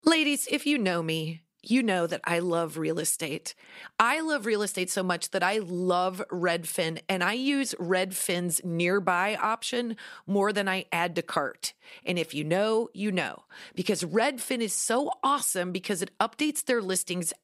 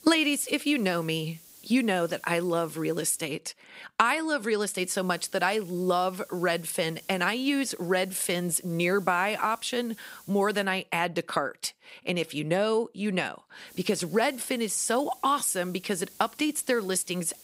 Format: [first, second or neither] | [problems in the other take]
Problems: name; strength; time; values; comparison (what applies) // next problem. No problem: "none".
first | hiss; faint; until 3.5 s, from 5 to 11 s and from 14 s on; 20 dB below the speech